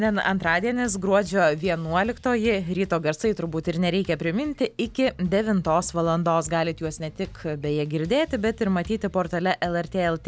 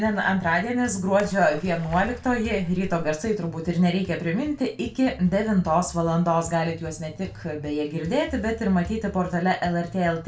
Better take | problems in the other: first | background sound (Splash, splatter); 14 dB below the speech // room echo; dies away in 0.3 s

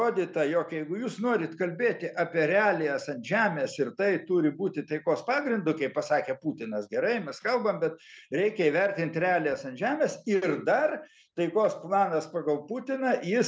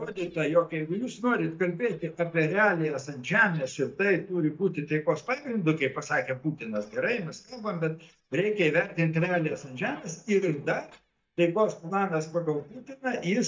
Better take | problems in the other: first | noise reduction (neural mask model DeepFilterNet 3)

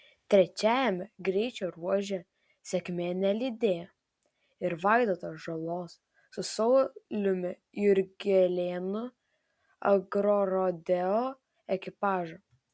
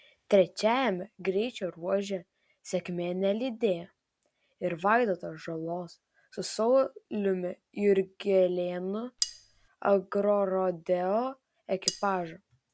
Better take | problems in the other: first | background sound (Cutlery, silverware); 6 dB below the speech

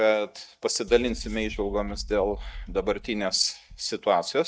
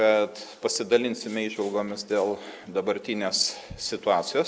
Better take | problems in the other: second | noise reduction (neural mask model DeepFilterNet 3)

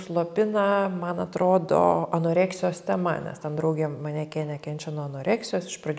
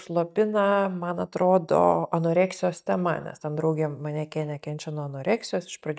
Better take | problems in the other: first | noise reduction (neural mask model DeepFilterNet 3)

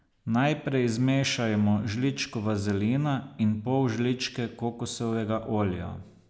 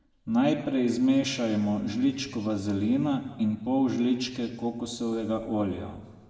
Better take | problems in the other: first | room echo; dies away in 1.4 s

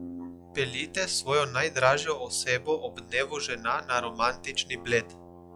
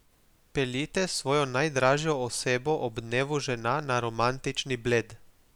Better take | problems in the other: second | noise reduction (classical method log-MMSE)

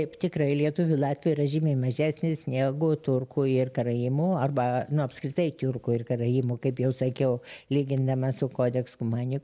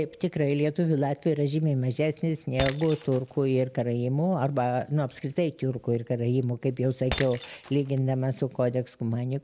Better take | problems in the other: first | background sound (Shatter); 17 dB below the speech

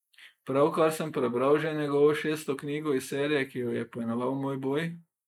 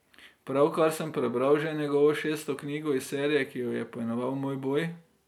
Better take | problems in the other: second | noise reduction (neural mask model Resemble Enhance denoiser)

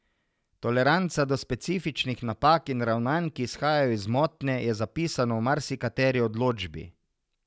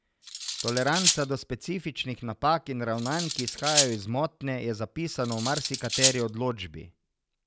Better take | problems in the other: first | background sound (Cutlery, silverware); as loud as the speech

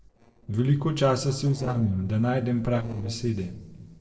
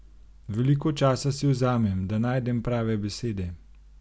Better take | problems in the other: second | noise reduction (neural separator model SepFormer DNS4)

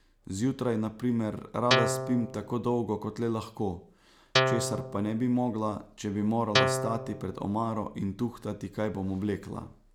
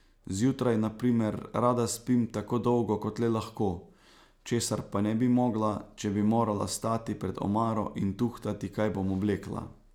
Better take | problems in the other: second | background sound (Guitar); 2 dB above the speech

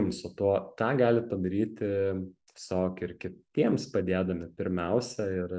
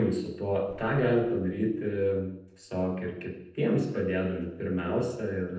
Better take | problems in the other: first | noise reduction (neural separator model SepFormer DNS4)

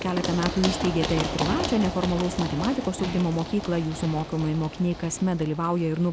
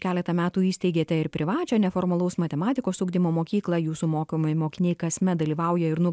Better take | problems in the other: second | background sound (Run); 6 dB below the speech

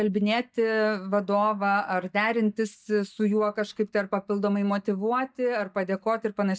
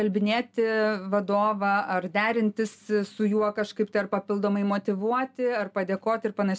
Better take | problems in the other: second | noise reduction (neural mask model DeepFilterNet 3)

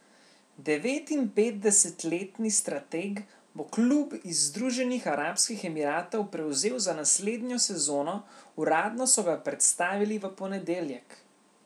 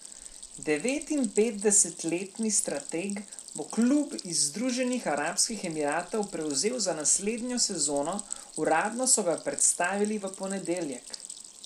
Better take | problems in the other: first | background sound (Stream); 14 dB below the speech

